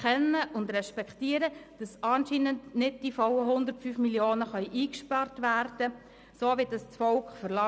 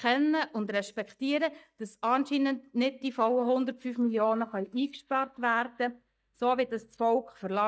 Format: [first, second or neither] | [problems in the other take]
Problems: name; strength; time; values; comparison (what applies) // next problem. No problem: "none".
first | noise reduction (neural mask model DeepFilterNet 3)